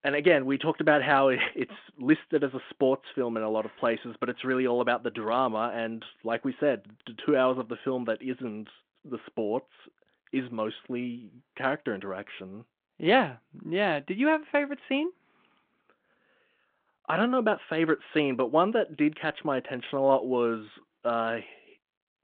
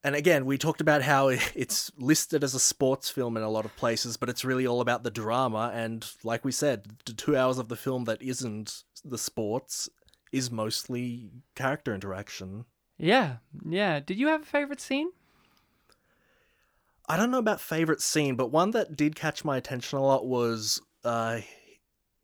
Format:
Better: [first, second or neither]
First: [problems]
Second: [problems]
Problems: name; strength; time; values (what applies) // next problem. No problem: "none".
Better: second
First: phone-call audio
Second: none